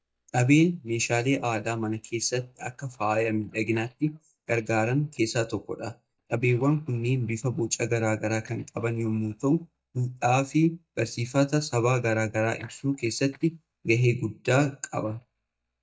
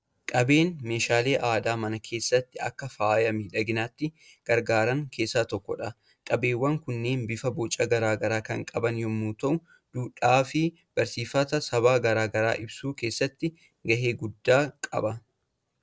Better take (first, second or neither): second